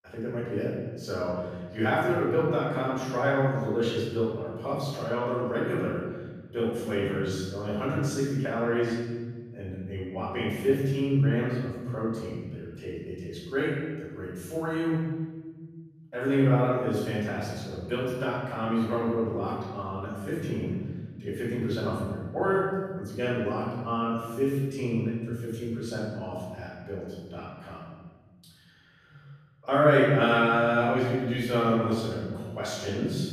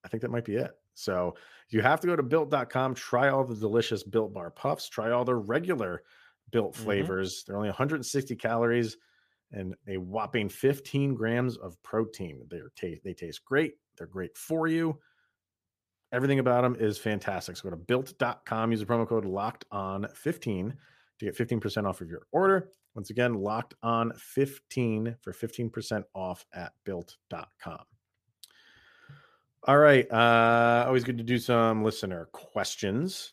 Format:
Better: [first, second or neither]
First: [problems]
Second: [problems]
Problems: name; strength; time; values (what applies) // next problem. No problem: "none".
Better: second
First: off-mic speech; far // room echo; strong; dies away in 1.7 s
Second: none